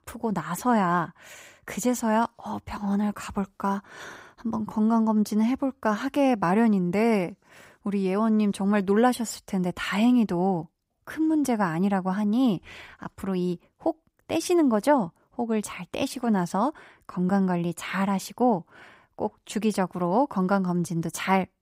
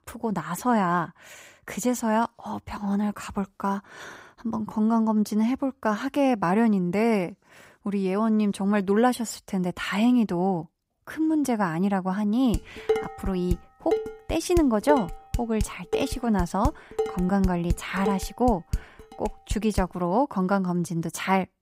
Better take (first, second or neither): first